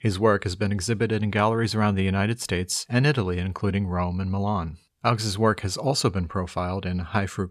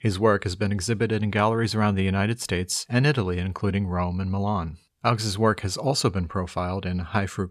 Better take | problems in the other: neither | none

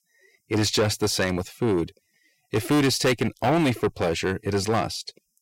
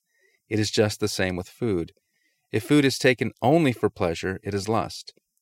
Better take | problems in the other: second | distortion; heavy; 6 dB below the speech

